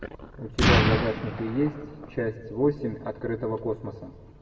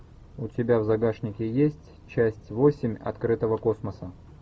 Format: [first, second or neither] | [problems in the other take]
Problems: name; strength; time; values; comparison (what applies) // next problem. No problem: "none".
second | background sound (Explosion); 4 dB above the speech // room echo; dies away in 1.1 s